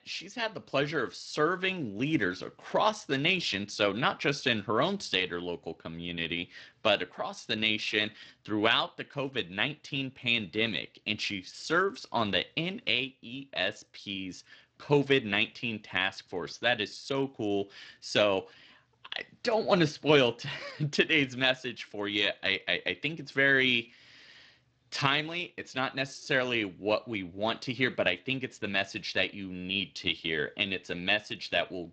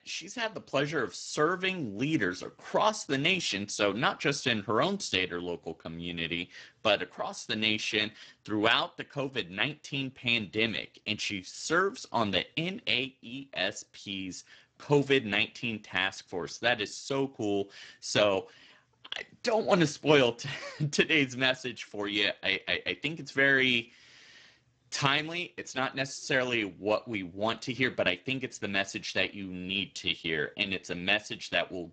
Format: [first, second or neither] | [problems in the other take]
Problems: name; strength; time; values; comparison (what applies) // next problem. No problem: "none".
first | garbled, watery; badly; nothing above 7.5 kHz; slightly in the first